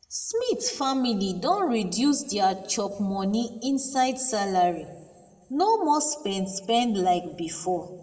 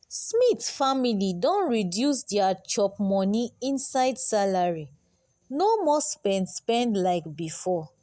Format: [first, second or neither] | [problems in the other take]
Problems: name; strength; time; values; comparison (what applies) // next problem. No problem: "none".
second | room echo; dies away in 1.2 s